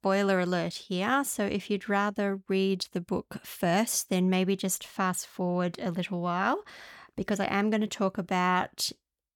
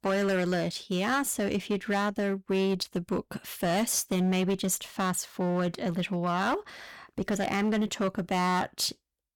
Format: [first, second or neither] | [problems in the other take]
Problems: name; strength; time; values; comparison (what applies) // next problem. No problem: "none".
first | distortion; slight; 10% of the sound clipped